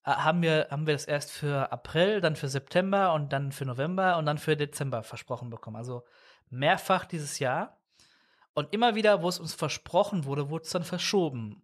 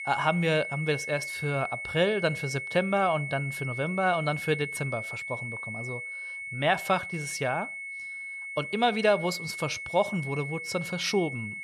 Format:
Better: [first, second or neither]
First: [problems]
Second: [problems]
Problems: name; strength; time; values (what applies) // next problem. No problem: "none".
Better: first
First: none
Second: high-pitched whine; loud; throughout; 2 kHz, 6 dB below the speech